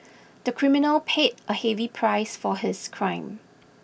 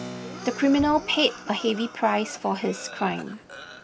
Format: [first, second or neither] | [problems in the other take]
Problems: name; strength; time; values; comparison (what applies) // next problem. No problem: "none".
first | background sound (Cough + Keyboard (musical)); 13 dB below the speech